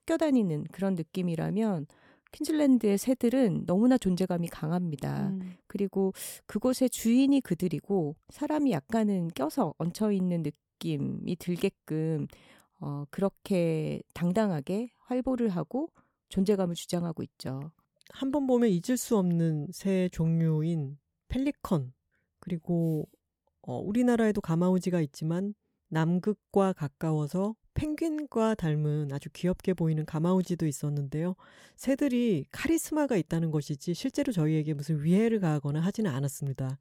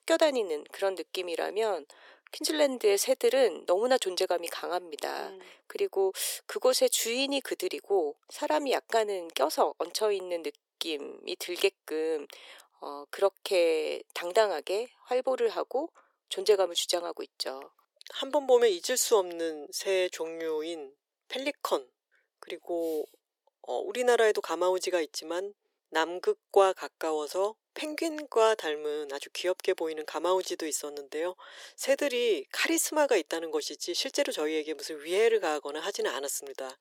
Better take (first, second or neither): first